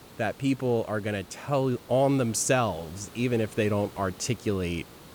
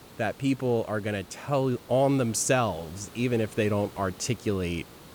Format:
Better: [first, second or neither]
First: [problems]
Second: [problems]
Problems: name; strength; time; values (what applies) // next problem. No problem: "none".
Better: neither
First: hiss; noticeable; throughout; 20 dB below the speech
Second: hiss; noticeable; throughout; 20 dB below the speech